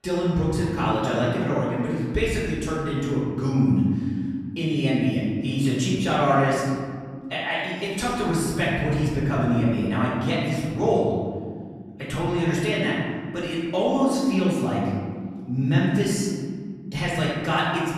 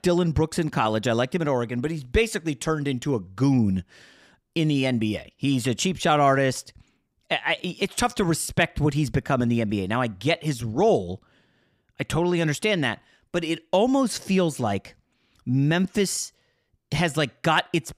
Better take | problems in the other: second | room echo; noticeable; dies away in 2.1 s // off-mic speech; far

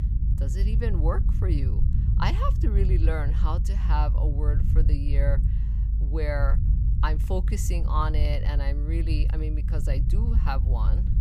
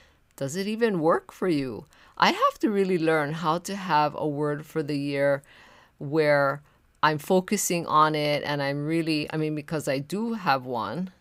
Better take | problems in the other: second | low rumble; loud; throughout; 8 dB below the speech

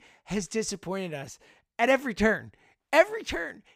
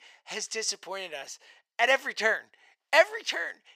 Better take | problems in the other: first | thin; very; fading below 650 Hz

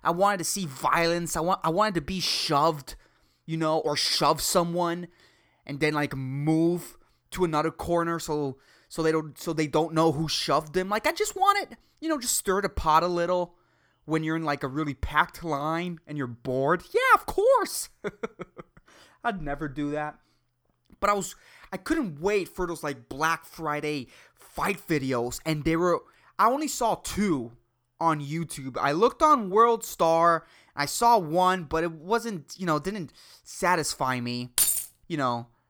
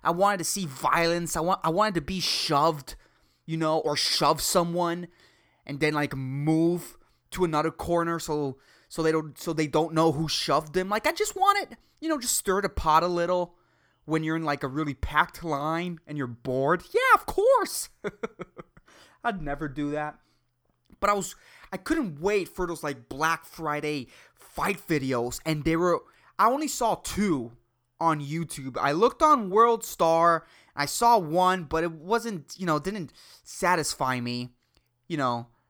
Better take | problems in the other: second | jangling keys; loud; at 35 s; peak 4 dB above the speech

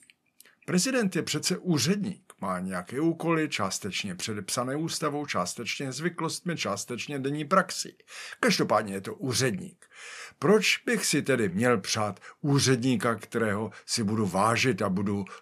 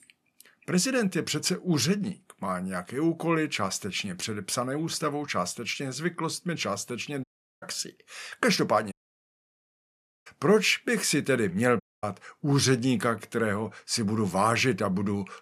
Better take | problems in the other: first | audio cutting out; at 7 s, at 9 s for 1.5 s and at 12 s

